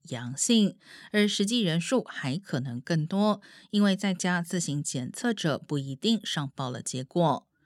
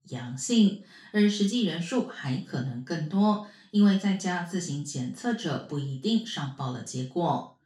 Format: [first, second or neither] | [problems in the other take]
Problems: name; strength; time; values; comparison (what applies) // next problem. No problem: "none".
first | room echo; slight; dies away in 0.4 s // off-mic speech; far